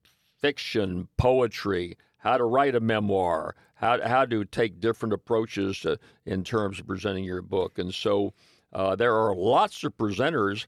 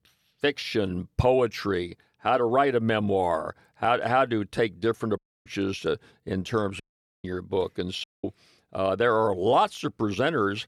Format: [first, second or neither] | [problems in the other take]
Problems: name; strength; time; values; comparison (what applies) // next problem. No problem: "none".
first | audio cutting out; at 5 s, at 7 s and at 8 s